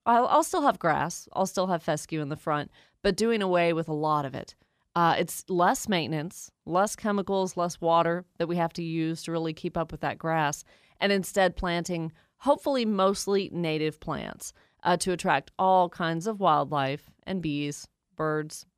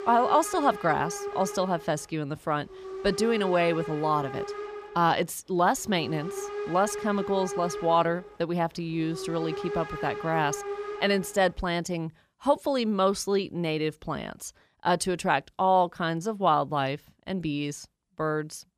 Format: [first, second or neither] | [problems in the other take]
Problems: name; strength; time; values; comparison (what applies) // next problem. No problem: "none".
first | hiss; loud; until 12 s; 9 dB below the speech